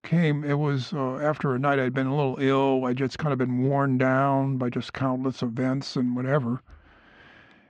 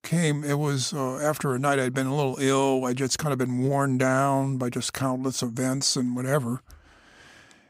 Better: second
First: muffled; slightly; fading above 3 kHz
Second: none

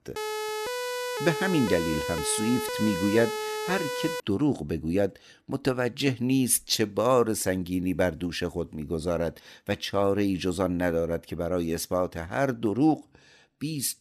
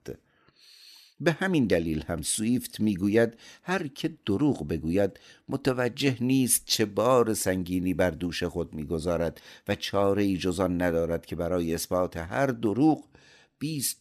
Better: second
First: siren; noticeable; until 4 s; peak 4 dB below the speech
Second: none

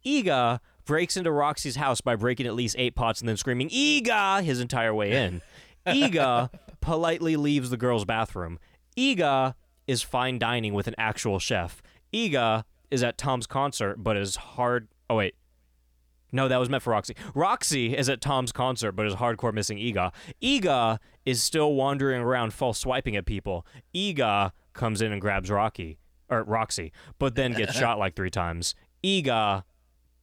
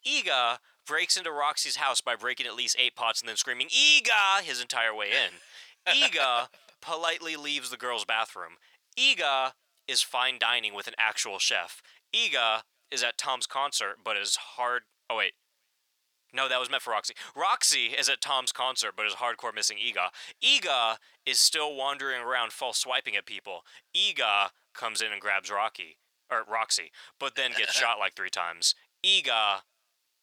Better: first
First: none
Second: thin; very; fading below 950 Hz

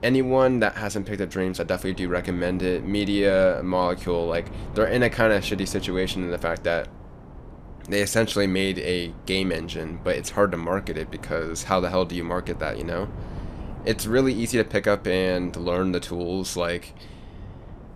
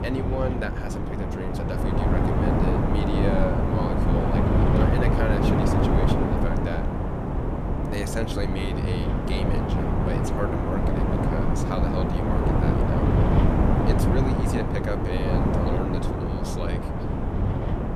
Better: first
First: wind noise on the microphone; occasional gusts; 20 dB below the speech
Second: wind noise on the microphone; heavy; 5 dB above the speech

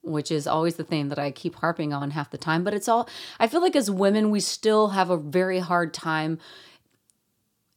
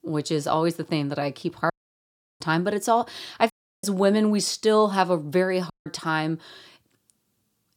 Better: first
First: none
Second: audio cutting out; at 1.5 s for 0.5 s, at 3.5 s and at 5.5 s

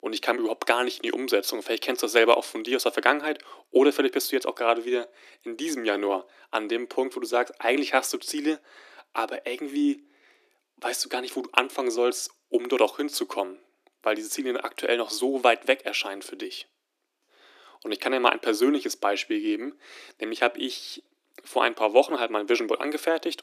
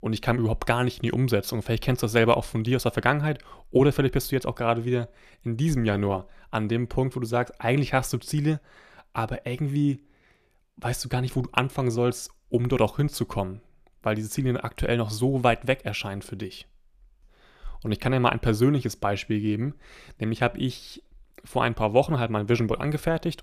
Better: second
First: thin; somewhat; fading below 300 Hz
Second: none

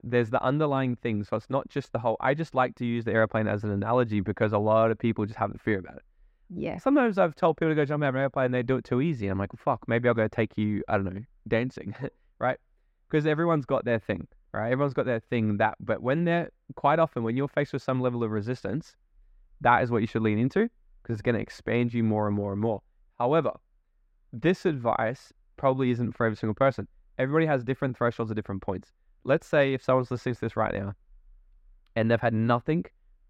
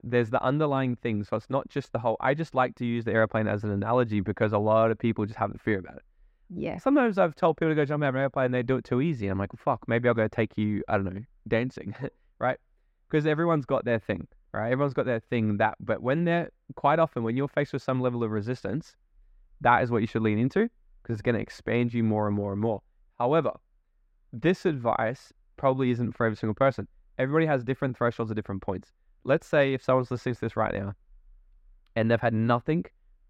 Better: neither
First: muffled; slightly; fading above 3.5 kHz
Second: muffled; slightly; fading above 3.5 kHz

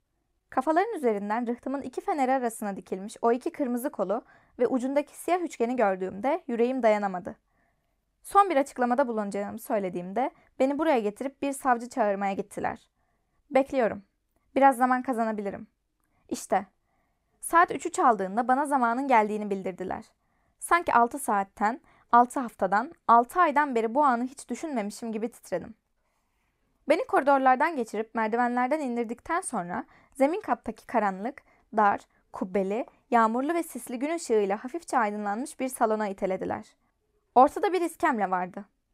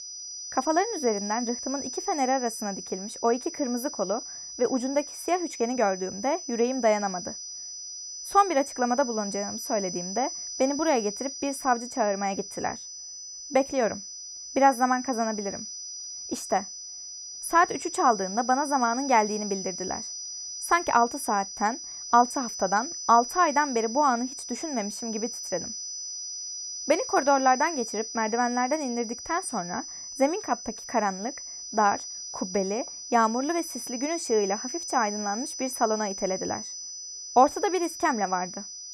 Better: first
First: none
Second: high-pitched whine; loud; throughout; 6 kHz, 8 dB below the speech

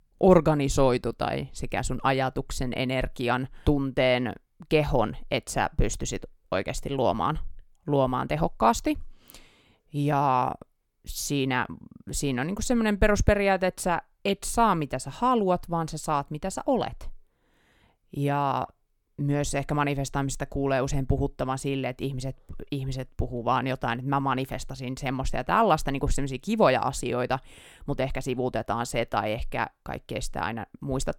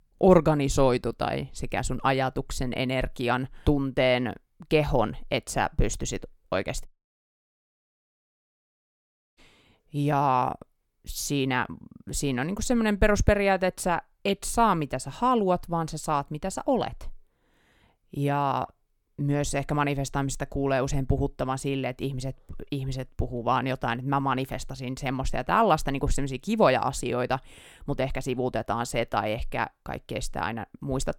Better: first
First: none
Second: audio cutting out; at 7 s for 2.5 s

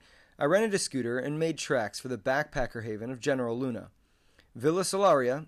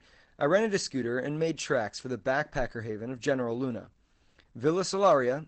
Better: first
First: none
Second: garbled, watery; badly; nothing above 8 kHz

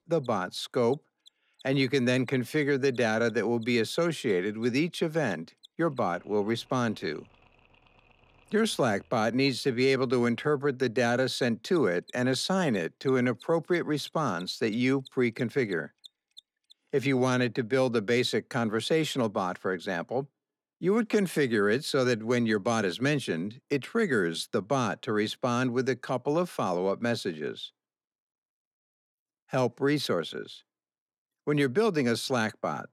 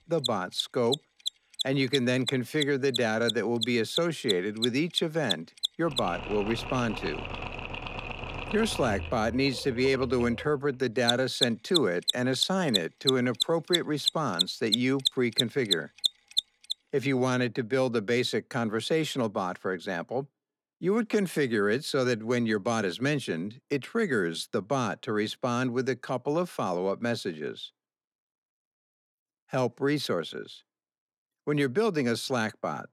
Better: first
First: machinery noise; faint; until 17 s; 30 dB below the speech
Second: machinery noise; loud; until 17 s; 3 dB below the speech

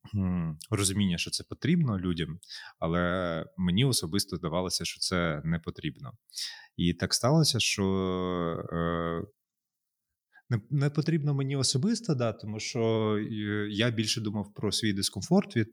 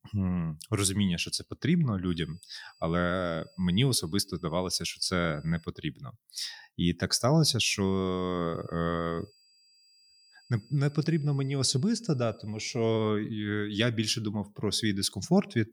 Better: first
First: none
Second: high-pitched whine; faint; from 2 to 5.5 s and from 8 to 13 s; 5 kHz, 30 dB below the speech

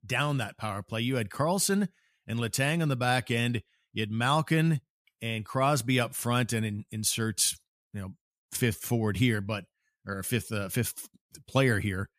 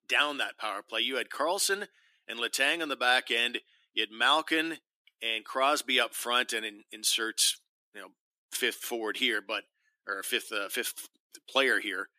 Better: first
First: none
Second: thin; very; fading below 300 Hz

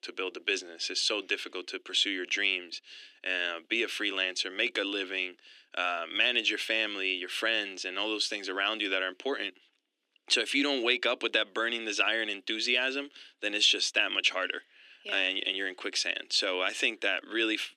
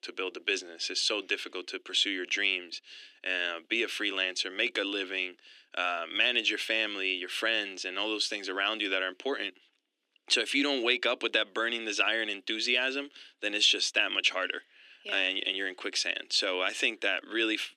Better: neither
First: thin; somewhat; fading below 250 Hz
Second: thin; somewhat; fading below 250 Hz

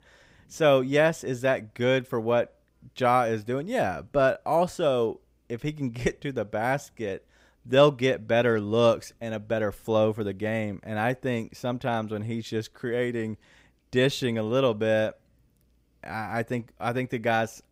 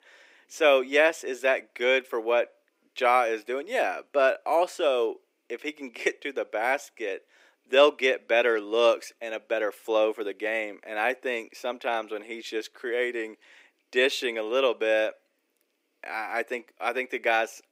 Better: first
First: none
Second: thin; somewhat; fading below 300 Hz

